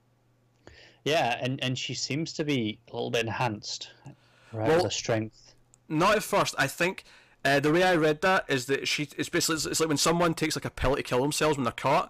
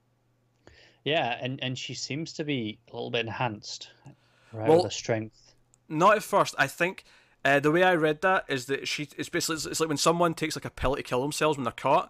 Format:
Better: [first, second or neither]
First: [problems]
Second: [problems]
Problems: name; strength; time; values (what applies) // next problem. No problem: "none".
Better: second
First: distortion; heavy; 7% of the sound clipped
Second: none